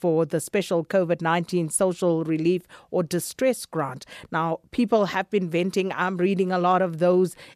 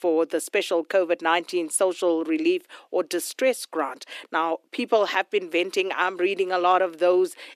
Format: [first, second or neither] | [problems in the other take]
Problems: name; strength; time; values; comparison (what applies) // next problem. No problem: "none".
first | thin; somewhat; fading below 300 Hz